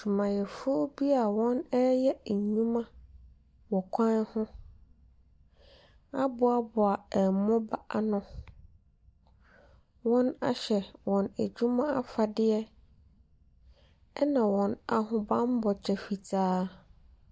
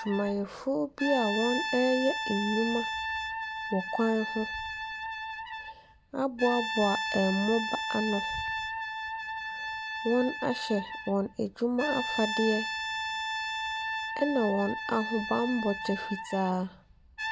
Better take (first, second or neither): first